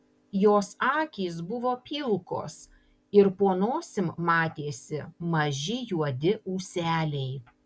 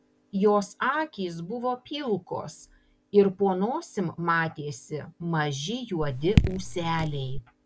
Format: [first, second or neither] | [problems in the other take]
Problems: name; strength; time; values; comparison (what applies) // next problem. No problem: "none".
first | background sound (Raindrop / Drip); 1 dB above the speech